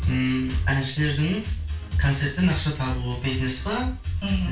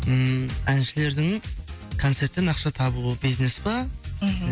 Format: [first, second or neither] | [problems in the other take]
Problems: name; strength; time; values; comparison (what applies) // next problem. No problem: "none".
second | room echo; dies away in 0.3 s